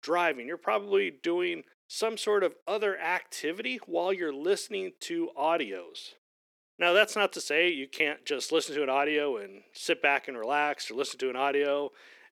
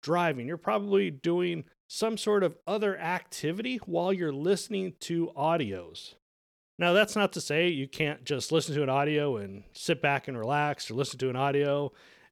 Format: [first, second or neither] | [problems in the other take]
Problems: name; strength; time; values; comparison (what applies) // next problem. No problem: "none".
second | thin; somewhat; fading below 300 Hz